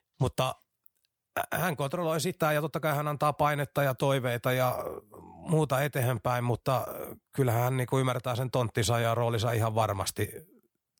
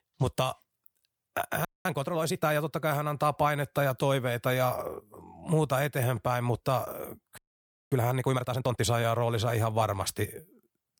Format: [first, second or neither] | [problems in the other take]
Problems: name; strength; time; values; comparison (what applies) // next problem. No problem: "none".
first | audio freezing; at 1.5 s and at 7.5 s for 0.5 s